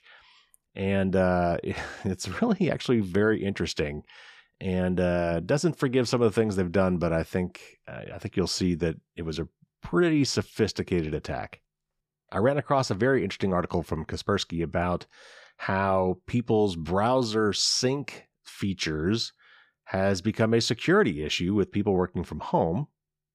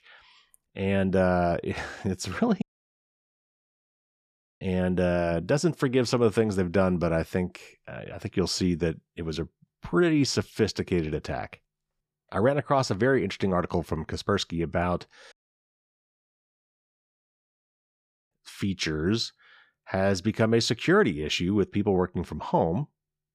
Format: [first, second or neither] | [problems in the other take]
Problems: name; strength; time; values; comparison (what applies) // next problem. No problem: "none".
first | audio cutting out; at 2.5 s for 2 s and at 15 s for 3 s